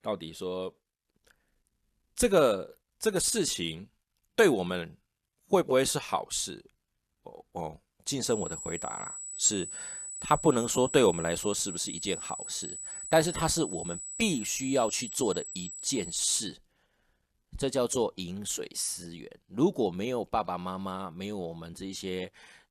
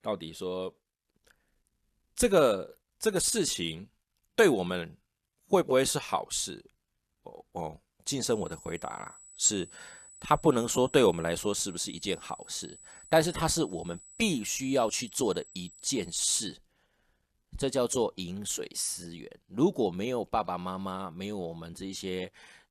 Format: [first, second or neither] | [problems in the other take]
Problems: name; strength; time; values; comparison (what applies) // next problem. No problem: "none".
second | high-pitched whine; loud; from 8.5 to 16 s; 8 kHz, 8 dB below the speech; faint in the second